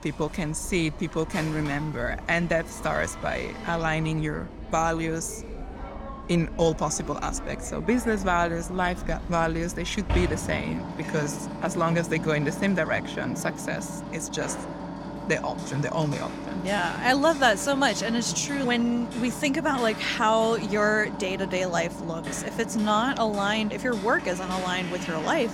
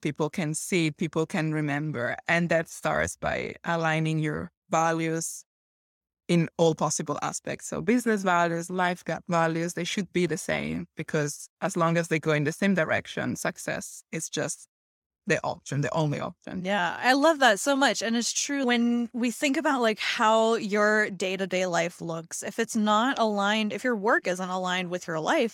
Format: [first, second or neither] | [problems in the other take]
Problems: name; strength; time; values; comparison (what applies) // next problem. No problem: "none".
second | machinery noise; loud; throughout; 9 dB below the speech